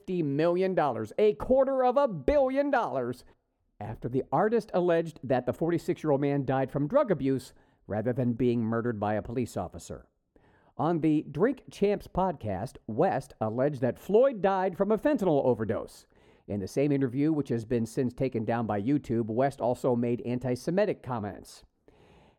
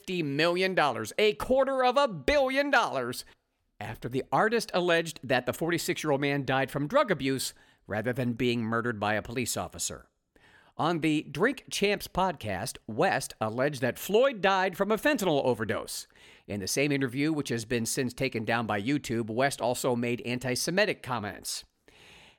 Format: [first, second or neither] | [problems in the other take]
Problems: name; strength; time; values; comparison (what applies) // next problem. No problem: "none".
second | muffled; very; fading above 1.5 kHz